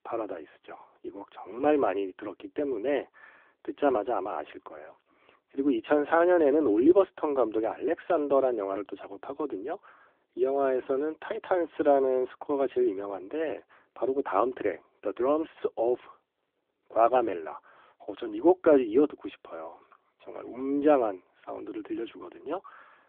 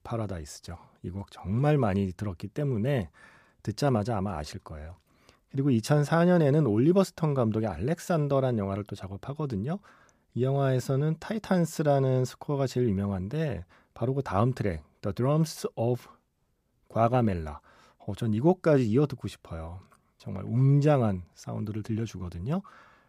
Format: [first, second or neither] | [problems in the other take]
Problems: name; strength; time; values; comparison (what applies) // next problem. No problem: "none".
second | phone-call audio